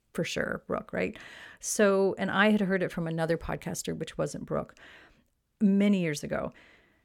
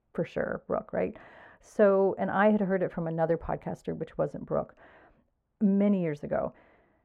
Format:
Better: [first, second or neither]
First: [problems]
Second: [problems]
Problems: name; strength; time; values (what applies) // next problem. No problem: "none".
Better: first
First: none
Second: muffled; very; fading above 2.5 kHz